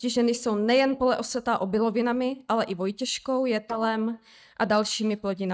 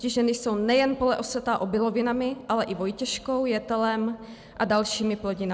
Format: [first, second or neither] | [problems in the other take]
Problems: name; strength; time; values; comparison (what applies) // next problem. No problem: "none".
second | noise reduction (neural mask model DeepFilterNet 3)